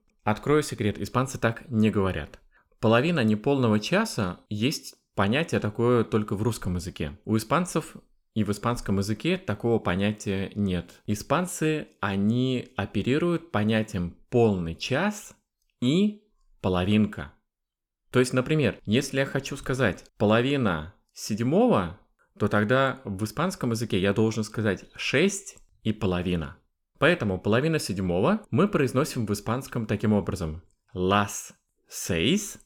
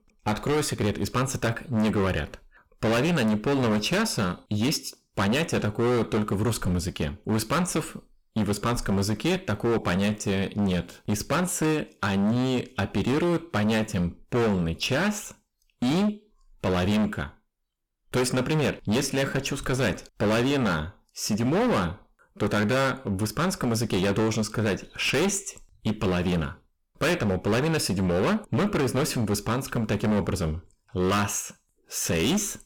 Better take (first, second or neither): first